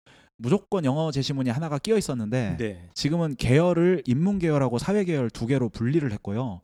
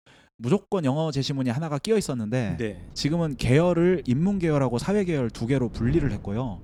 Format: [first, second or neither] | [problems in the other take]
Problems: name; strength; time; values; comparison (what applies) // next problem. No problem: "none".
first | wind noise on the microphone; occasional gusts; from 2.5 s on; 20 dB below the speech